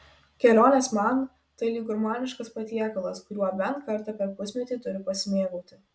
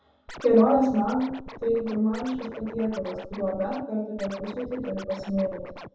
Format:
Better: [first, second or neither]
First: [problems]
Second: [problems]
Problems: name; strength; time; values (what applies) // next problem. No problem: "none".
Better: first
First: none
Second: background sound (Scratching (performance technique)); 15 dB below the speech // room echo; dies away in 2.6 s